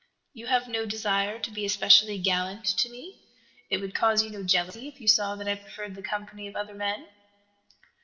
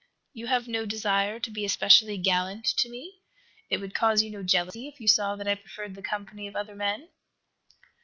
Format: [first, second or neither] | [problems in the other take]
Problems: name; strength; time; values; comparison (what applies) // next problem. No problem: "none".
second | room echo; dies away in 0.9 s